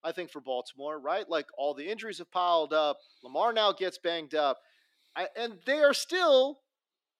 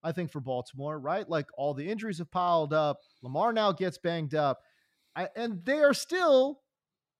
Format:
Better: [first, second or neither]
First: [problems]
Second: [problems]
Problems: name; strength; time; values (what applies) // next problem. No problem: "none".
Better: second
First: thin; somewhat; fading below 300 Hz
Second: none